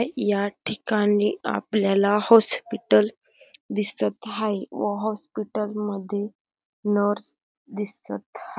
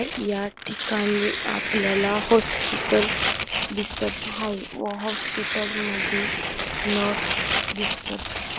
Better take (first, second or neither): first